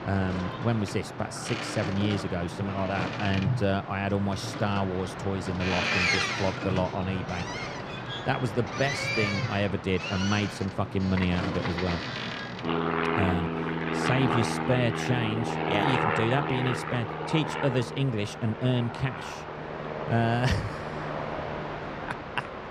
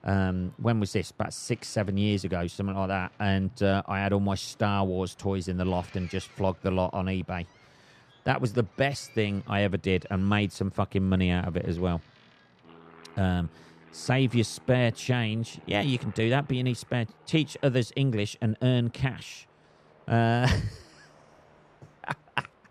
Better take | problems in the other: second | train or aircraft noise; loud; throughout; 2 dB below the speech; faint in the second

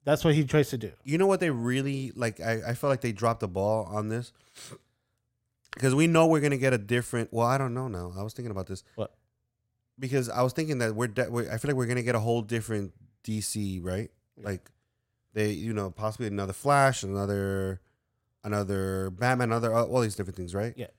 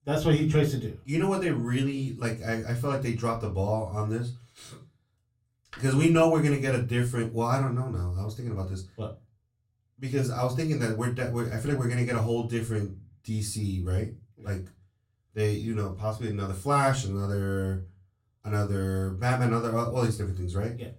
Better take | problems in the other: first | off-mic speech; far // room echo; very slight; dies away in 0.3 s

